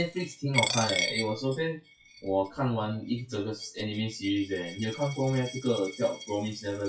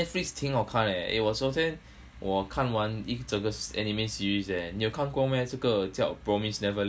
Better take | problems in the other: second | noise reduction (classical method WPE with log-MMSE)

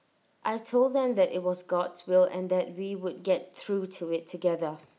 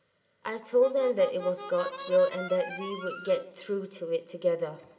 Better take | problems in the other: first | background sound (Harmonica); 12 dB below the speech // room echo; dies away in 2.1 s

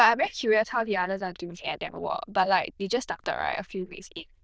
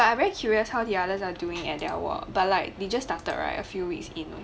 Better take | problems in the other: second | noise reduction (neural diffusion model UNIVERSE++)

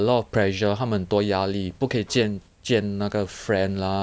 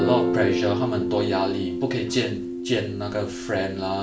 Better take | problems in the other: first | background sound (Guitar); 1 dB below the speech // room echo; dies away in 0.4 s

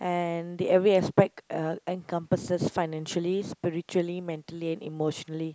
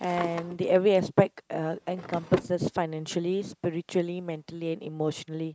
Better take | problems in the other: first | noise reduction (neural mask model RNNoise)

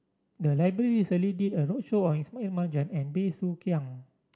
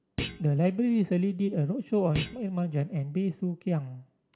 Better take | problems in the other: first | background sound (Thump, thud); 13 dB below the speech

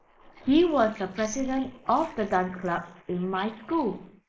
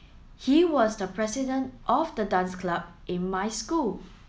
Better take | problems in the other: second | noise reduction (neural mask model Resemble Enhance denoiser)

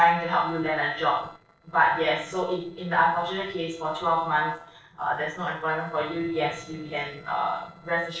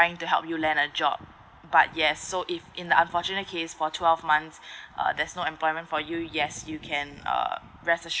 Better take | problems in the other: second | noise reduction (neural separator model SepFormer DNS4)

